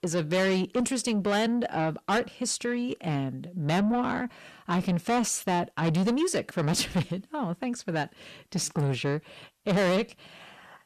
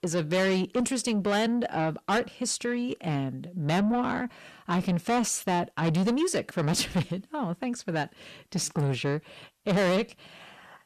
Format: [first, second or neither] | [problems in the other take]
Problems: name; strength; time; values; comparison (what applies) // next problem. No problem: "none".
neither | distortion; heavy; 8 dB below the speech; the same in both